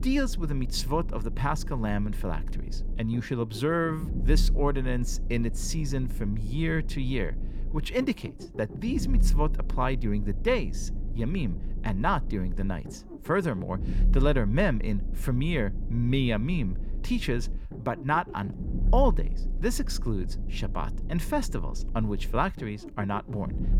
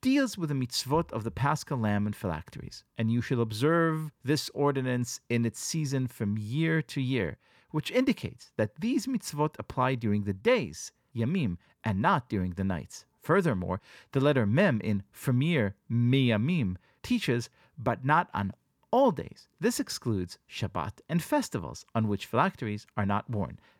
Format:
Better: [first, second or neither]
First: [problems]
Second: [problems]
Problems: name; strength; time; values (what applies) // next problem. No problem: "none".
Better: second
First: low rumble; noticeable; throughout; 15 dB below the speech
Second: none